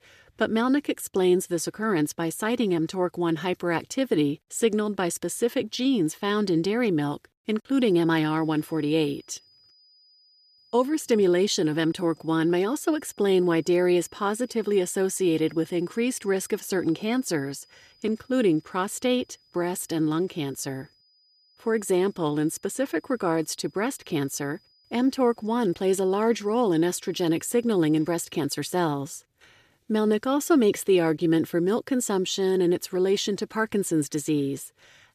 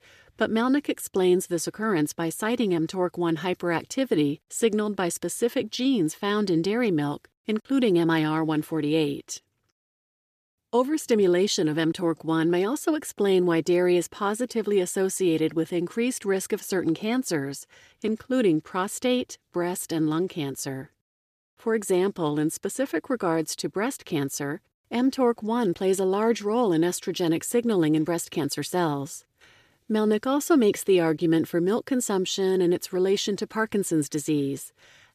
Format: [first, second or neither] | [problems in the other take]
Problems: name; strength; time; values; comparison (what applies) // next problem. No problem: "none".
second | high-pitched whine; faint; from 7.5 to 28 s; 5 kHz, 35 dB below the speech